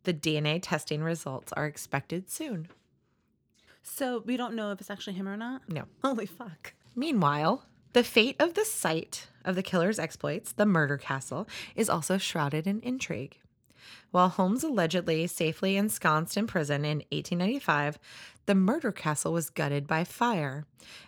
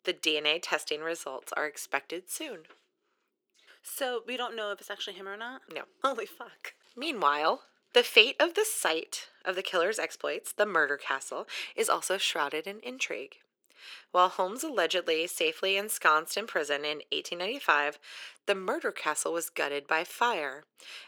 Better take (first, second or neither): first